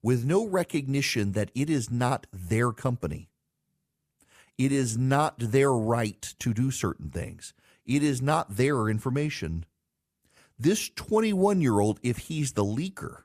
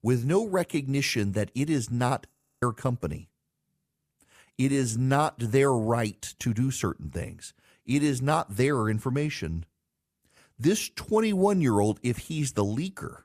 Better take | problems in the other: first | audio freezing; at 2.5 s

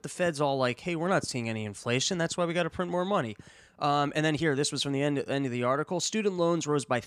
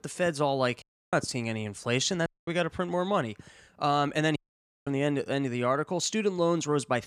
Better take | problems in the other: first | audio cutting out; at 1 s, at 2.5 s and at 4.5 s for 0.5 s

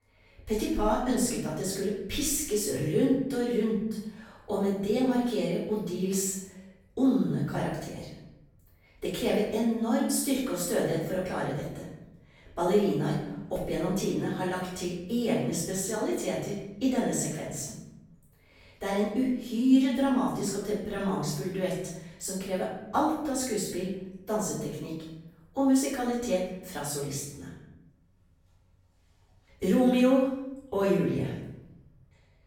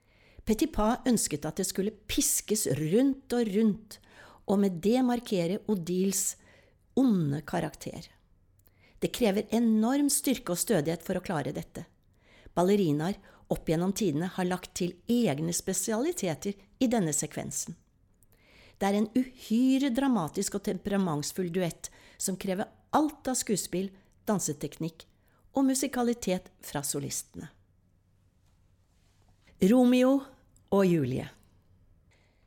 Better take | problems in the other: second | off-mic speech; far // room echo; noticeable; dies away in 0.8 s

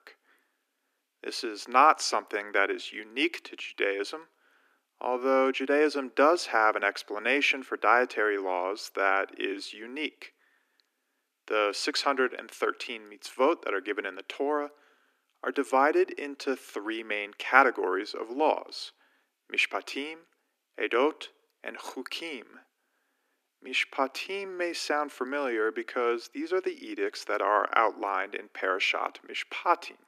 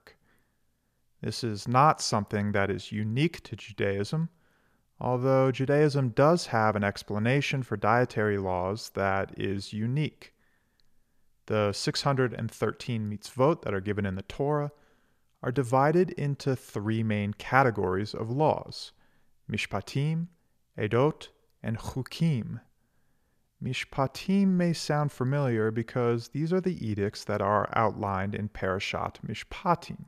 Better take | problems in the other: second | thin; somewhat; fading below 250 Hz

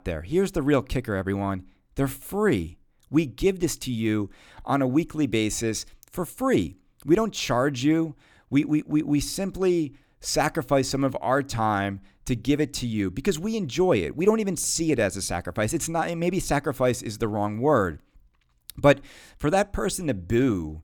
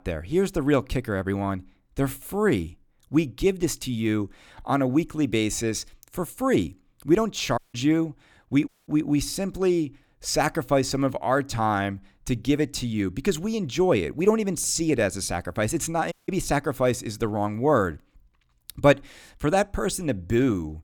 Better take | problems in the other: first | audio cutting out; at 7.5 s, at 8.5 s and at 16 s

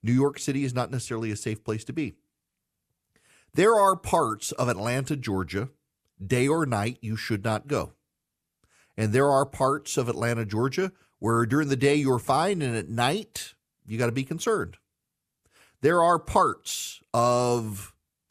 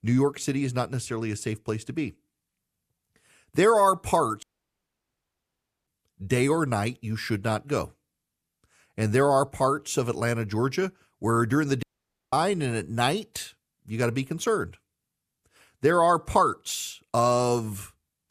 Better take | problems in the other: first | audio cutting out; at 4.5 s for 1.5 s and at 12 s

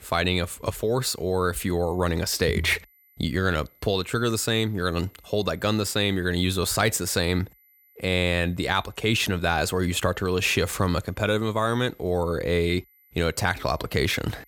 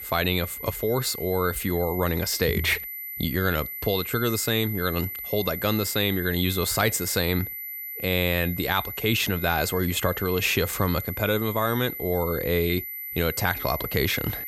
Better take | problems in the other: first | high-pitched whine; loud; throughout; 12 kHz, 7 dB below the speech; faint in the first

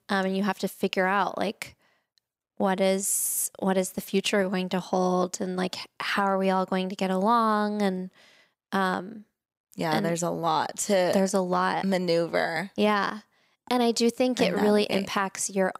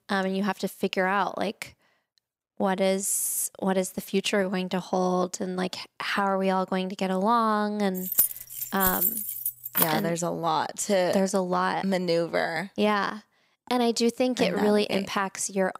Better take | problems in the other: first | jangling keys; loud; from 8 to 10 s; peak 4 dB above the speech

